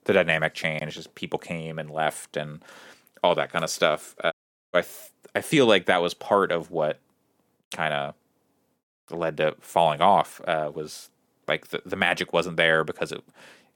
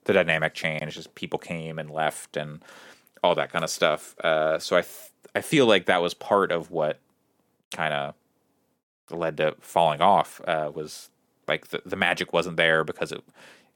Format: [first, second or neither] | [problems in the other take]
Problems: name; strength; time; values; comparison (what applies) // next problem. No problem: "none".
second | audio cutting out; at 4.5 s